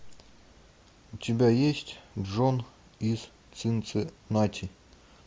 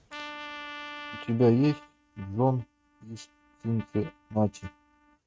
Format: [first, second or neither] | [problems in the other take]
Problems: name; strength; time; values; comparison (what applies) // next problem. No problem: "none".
first | noise reduction (neural mask model RNNoise)